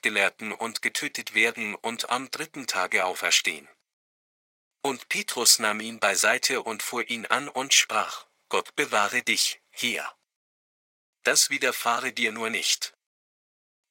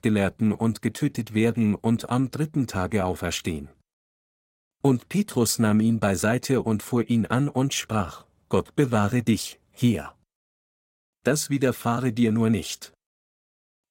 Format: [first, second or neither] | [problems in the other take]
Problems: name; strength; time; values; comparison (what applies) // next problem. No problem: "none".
second | thin; very; fading below 750 Hz